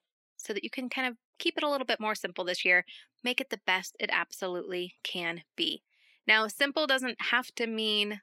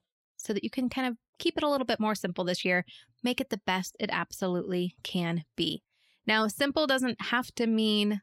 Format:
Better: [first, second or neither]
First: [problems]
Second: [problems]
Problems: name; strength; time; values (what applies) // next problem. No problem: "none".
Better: second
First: thin; somewhat; fading below 300 Hz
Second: none